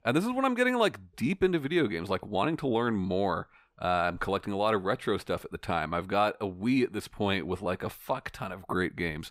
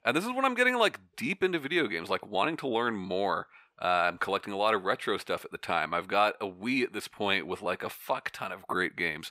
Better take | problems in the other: first | thin; very slightly; fading below 500 Hz

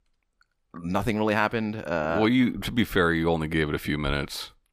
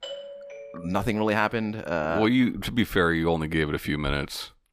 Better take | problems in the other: first | doorbell; faint; until 1.5 s; peak 10 dB below the speech

